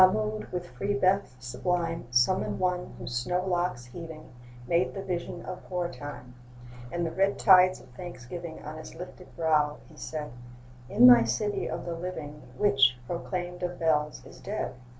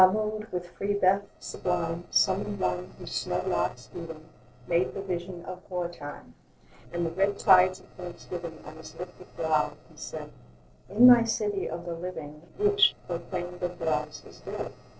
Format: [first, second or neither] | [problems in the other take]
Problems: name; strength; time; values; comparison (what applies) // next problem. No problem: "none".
first | noise reduction (neural separator model SepFormer DNS4)